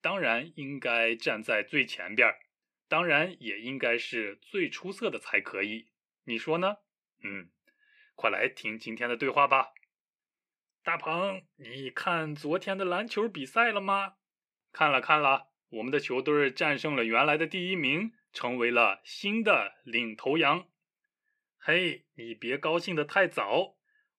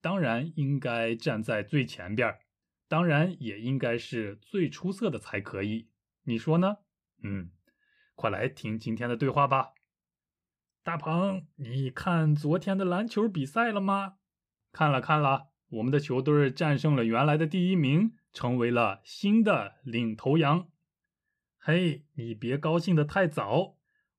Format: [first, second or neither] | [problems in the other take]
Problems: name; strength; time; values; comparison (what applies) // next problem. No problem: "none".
second | thin; somewhat; fading below 350 Hz